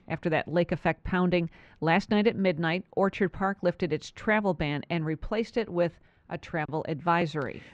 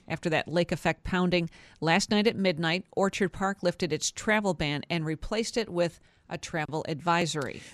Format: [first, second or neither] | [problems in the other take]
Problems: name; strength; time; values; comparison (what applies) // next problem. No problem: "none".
second | muffled; slightly; fading above 2.5 kHz